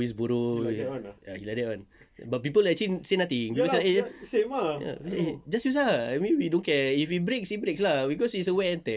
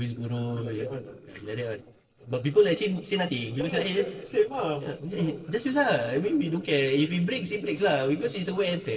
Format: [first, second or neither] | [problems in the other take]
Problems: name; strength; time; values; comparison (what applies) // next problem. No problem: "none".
first | noise reduction (neural separator model SepFormer DNS4)